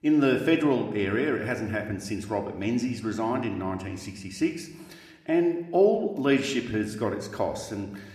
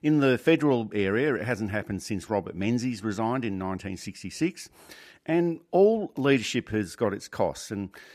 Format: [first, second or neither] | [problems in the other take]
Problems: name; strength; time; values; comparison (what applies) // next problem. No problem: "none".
second | room echo; slight; dies away in 0.9 s